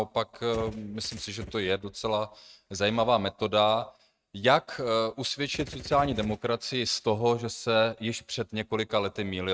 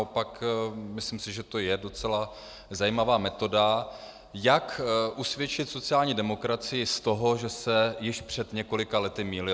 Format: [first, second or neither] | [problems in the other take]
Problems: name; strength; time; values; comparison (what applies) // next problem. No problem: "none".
second | noise reduction (neural mask model RNNoise)